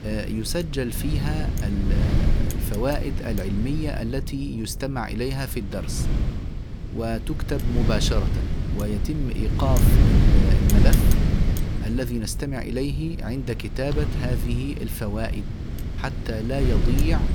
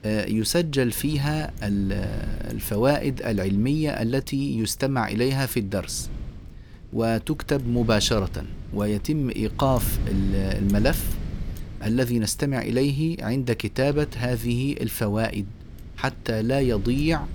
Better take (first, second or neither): second